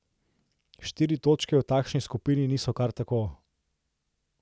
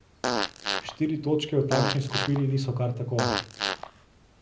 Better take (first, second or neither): first